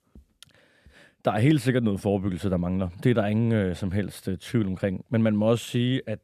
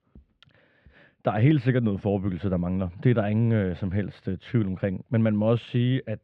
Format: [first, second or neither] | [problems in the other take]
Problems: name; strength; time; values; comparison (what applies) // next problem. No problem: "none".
first | muffled; slightly; fading above 3 kHz